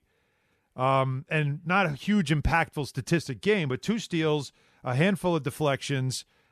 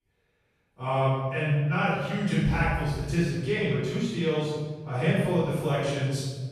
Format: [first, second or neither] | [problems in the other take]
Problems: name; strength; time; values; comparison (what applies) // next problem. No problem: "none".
first | room echo; strong; dies away in 1.4 s // off-mic speech; far